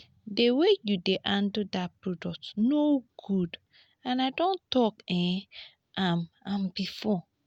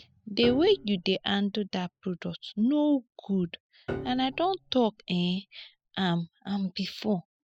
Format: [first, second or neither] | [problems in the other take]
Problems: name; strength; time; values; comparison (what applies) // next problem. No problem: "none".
first | noise reduction (classical method spectral subtraction)